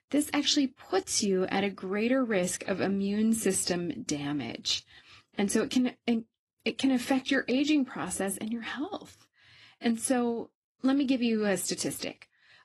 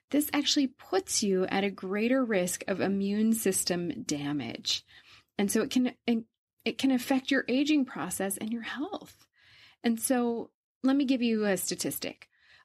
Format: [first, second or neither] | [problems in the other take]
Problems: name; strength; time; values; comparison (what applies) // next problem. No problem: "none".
second | garbled, watery; slightly; nothing above 11.5 kHz